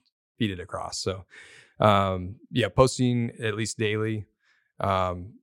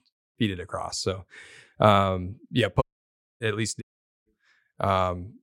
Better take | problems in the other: first | audio cutting out; at 3 s for 0.5 s and at 4 s

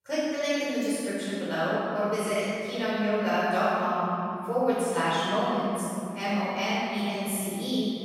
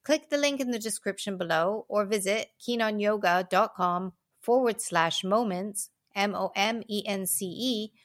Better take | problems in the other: second | room echo; strong; dies away in 3 s // off-mic speech; far

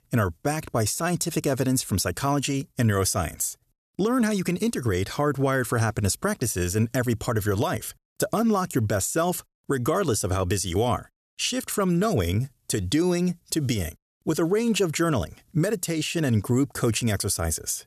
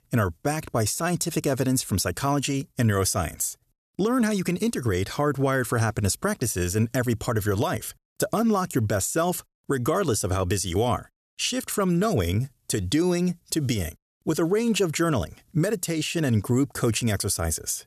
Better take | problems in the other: neither | none

